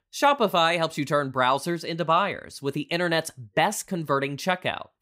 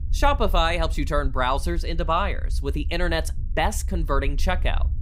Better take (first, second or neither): first